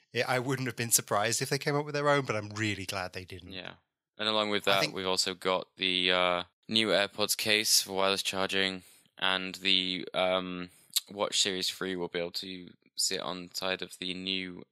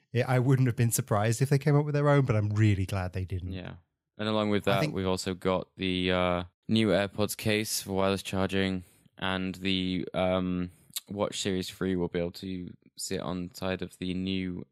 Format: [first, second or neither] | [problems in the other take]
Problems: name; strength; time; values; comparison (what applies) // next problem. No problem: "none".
second | thin; somewhat; fading below 750 Hz